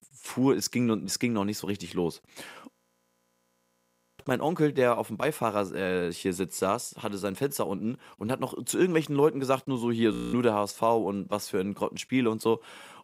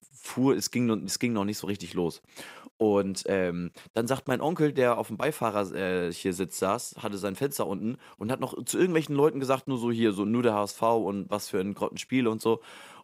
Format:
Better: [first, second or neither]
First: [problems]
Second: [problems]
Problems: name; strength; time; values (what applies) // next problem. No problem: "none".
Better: second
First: audio freezing; at 2.5 s for 1.5 s and at 10 s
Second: none